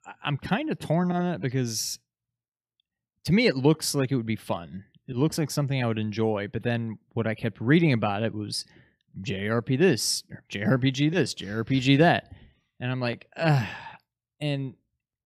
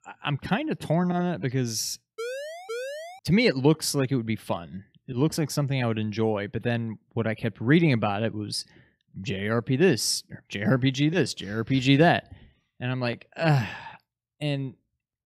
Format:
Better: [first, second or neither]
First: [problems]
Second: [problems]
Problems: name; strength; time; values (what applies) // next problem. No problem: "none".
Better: first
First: none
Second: siren; noticeable; from 2 to 3 s; peak 8 dB below the speech